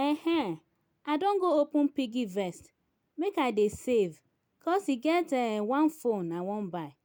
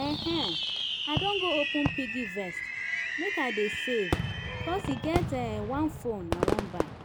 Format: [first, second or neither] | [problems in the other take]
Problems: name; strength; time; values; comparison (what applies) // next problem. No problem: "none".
first | background sound (Fireworks); 1 dB above the speech